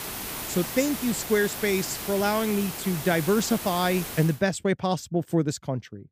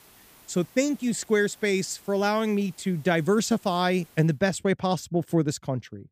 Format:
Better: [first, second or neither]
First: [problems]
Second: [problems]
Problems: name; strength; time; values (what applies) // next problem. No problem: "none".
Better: second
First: hiss; loud; until 4.5 s; 7 dB below the speech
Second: hiss; faint; until 4.5 s; 25 dB below the speech